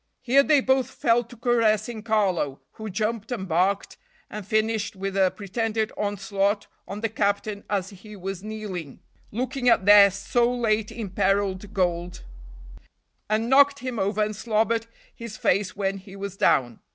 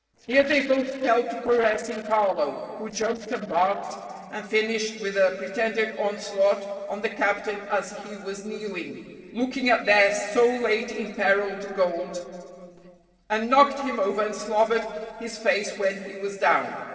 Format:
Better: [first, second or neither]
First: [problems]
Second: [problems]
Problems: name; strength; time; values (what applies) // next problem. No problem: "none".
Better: first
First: none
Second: noise reduction (neural separator model SepFormer DNS4)